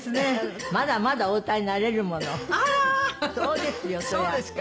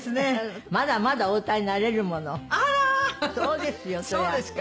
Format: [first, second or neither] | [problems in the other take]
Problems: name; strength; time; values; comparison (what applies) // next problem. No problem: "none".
second | background sound (Cough); 10 dB below the speech